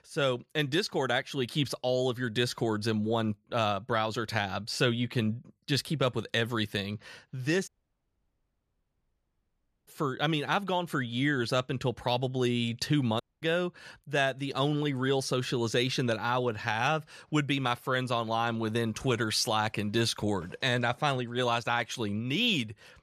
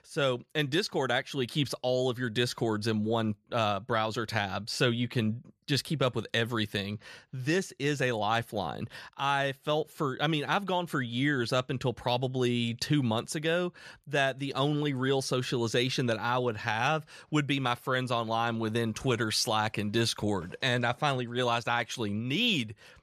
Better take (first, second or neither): second